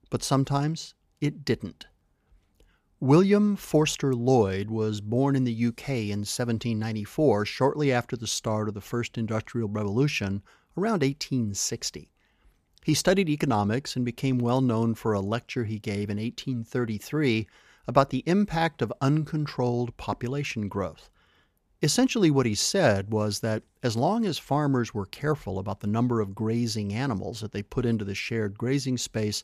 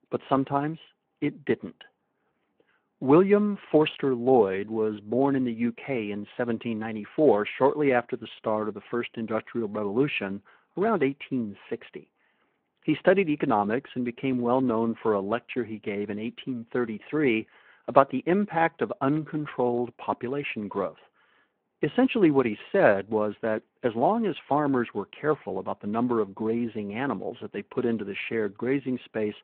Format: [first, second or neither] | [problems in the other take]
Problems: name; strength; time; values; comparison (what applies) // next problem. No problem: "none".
first | phone-call audio